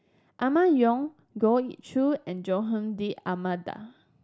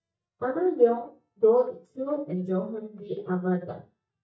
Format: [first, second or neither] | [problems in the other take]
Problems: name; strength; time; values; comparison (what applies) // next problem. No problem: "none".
first | noise reduction (neural mask model DeepFilterNet 3)